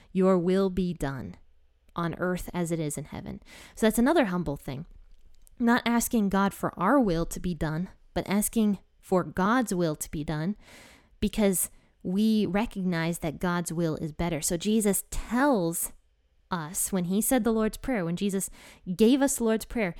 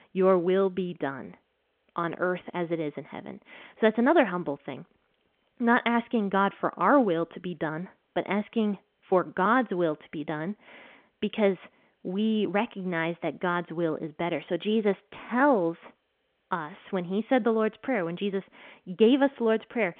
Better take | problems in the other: first | phone-call audio; nothing above 3.5 kHz

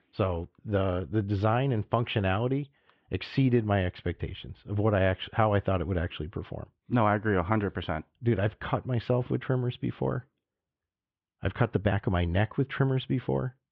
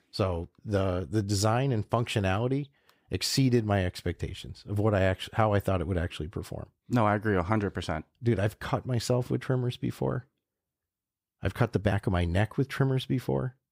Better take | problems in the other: second | muffled; very; fading above 3.5 kHz

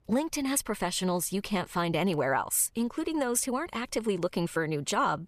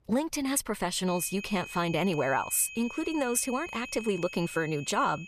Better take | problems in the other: first | high-pitched whine; noticeable; from 1 s on; 2.5 kHz, 10 dB below the speech

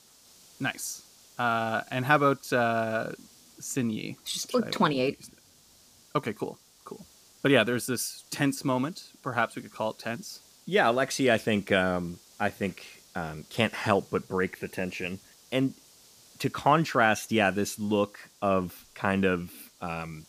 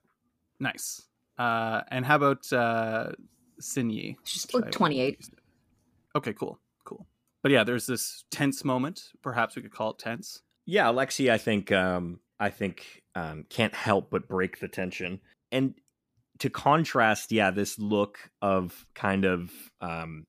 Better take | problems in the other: second | hiss; faint; throughout; 25 dB below the speech

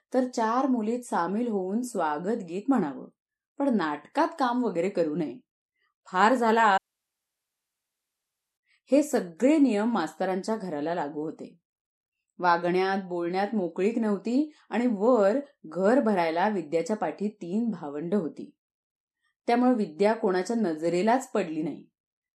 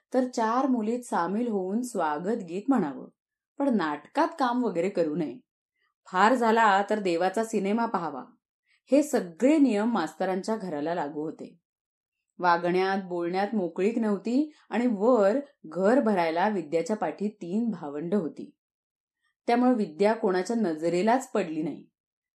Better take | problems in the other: second | audio cutting out; at 7 s for 2 s

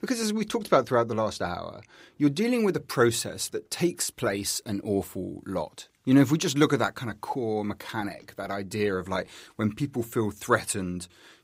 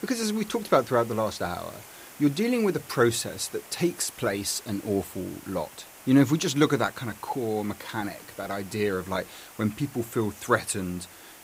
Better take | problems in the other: first | hiss; noticeable; throughout; 20 dB below the speech

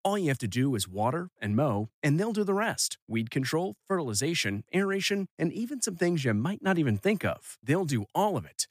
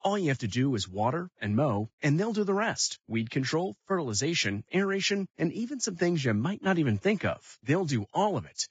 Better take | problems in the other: first | garbled, watery; badly; nothing above 7.5 kHz

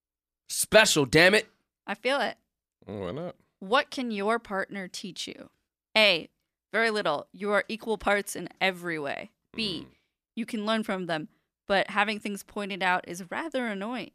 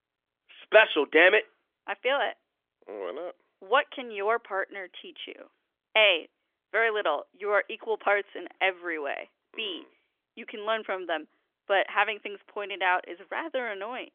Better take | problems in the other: first | phone-call audio; nothing above 3.5 kHz

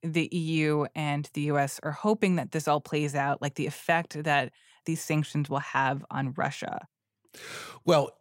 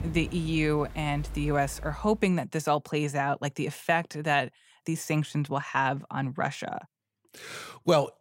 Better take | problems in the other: first | rain or running water; noticeable; until 2 s; 15 dB below the speech

